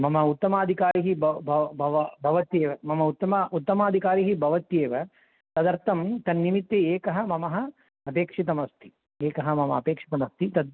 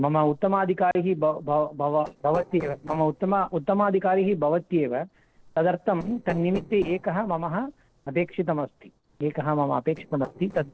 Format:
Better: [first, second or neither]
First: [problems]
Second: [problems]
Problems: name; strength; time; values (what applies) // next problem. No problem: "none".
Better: first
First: none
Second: noise reduction (neural separator model SepFormer DNS4)